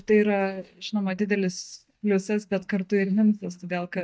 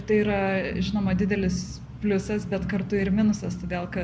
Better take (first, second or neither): second